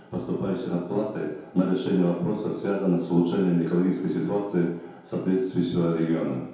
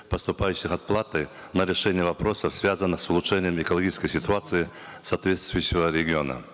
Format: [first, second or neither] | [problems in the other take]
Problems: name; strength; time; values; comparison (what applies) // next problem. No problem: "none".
second | room echo; dies away in 0.8 s